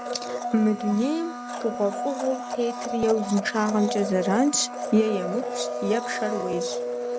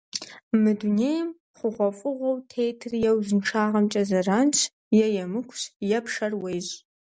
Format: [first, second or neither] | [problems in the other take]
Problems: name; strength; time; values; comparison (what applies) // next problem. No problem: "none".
second | background sound (Domestic sounds, home sounds); 5 dB below the speech